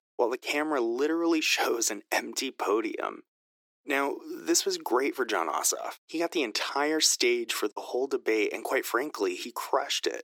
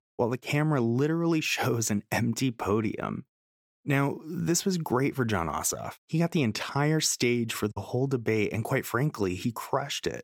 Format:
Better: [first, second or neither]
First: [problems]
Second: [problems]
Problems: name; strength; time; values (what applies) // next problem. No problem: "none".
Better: second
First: thin; very; fading below 300 Hz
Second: none